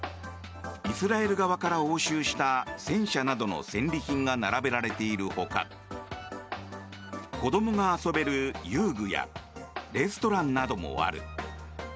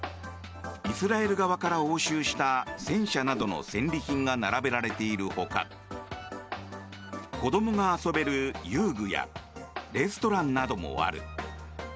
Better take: first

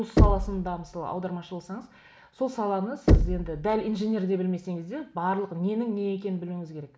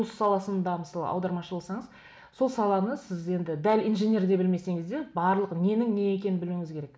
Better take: second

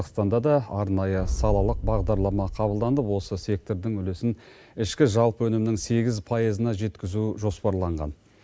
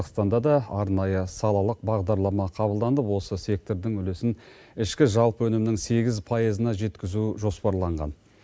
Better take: second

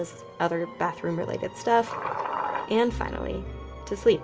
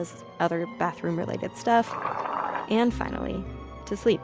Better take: second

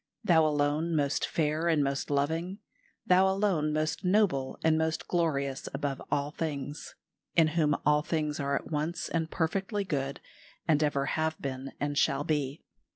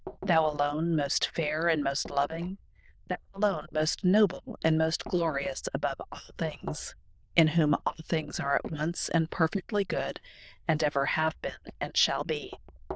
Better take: first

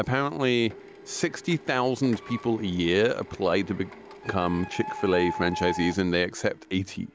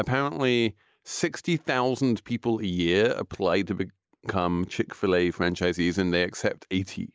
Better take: second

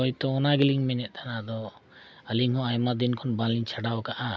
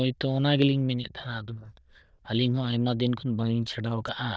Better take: first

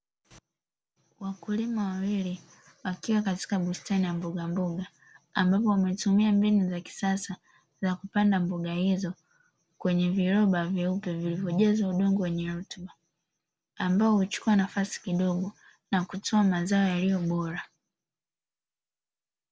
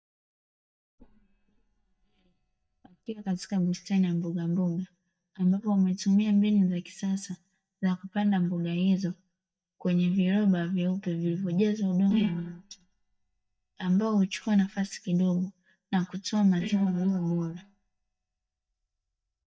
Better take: first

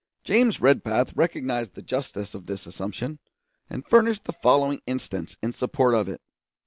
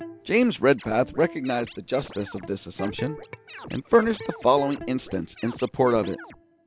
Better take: first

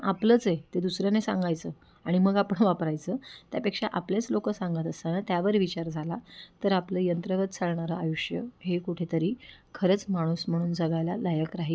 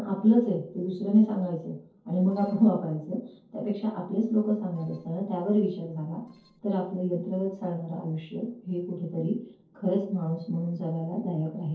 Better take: first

